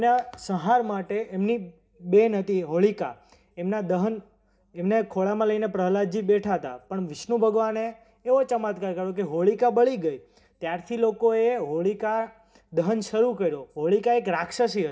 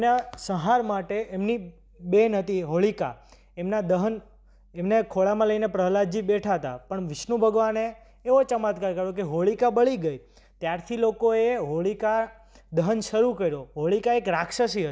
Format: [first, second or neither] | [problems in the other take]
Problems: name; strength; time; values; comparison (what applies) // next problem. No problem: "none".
second | room echo; dies away in 0.3 s